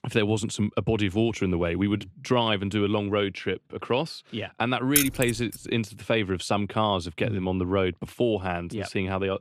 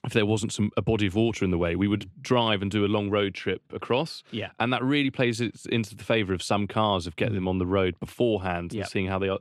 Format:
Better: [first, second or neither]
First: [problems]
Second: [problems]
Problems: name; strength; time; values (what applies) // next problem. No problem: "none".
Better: second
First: jangling keys; loud; at 5 s; peak 3 dB above the speech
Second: none